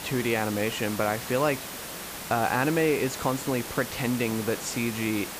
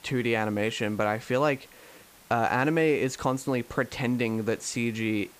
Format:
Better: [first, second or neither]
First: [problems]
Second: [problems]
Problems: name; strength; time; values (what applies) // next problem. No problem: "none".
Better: second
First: hiss; loud; throughout; 8 dB below the speech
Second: hiss; faint; throughout; 25 dB below the speech